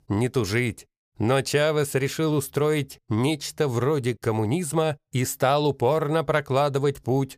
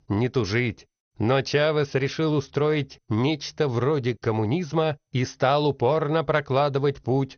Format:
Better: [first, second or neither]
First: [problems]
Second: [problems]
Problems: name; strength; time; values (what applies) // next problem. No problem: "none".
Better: first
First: none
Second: garbled, watery; slightly; nothing above 6.5 kHz